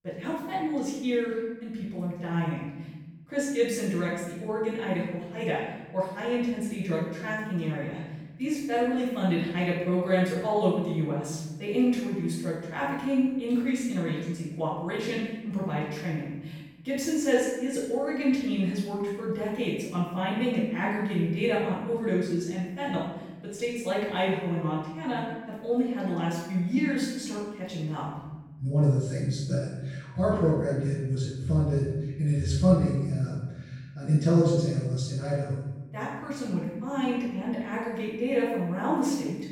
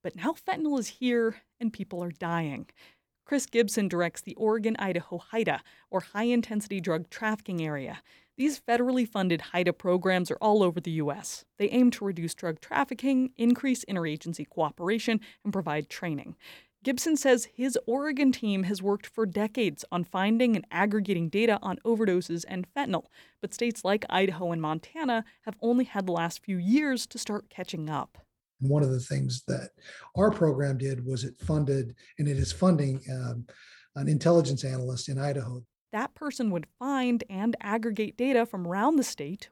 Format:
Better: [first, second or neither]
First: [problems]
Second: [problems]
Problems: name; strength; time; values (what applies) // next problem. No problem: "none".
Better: second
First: off-mic speech; far // room echo; strong; dies away in 1.2 s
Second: none